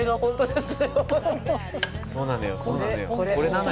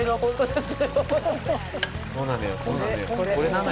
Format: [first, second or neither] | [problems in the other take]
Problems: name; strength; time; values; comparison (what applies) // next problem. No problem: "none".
first | background sound (Stream / Liquid); 15 dB below the speech